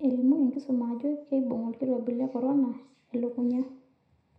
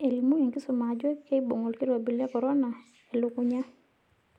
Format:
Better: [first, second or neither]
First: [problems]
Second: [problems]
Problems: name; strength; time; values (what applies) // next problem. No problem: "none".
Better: second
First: room echo; dies away in 0.5 s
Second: none